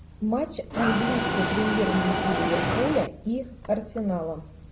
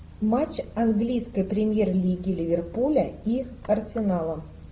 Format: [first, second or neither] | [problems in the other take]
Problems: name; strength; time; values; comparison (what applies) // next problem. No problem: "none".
second | background sound (Mechanisms); 1 dB above the speech